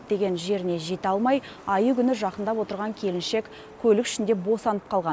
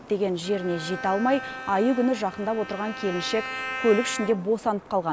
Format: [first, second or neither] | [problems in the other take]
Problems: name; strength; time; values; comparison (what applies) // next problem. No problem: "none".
first | background sound (Bowed string instrument); 11 dB below the speech